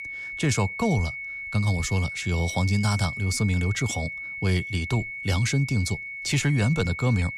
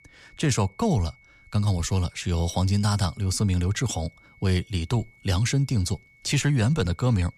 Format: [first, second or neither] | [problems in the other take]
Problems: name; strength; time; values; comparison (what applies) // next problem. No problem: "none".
second | high-pitched whine; loud; throughout; 2 kHz, 7 dB below the speech; faint in the second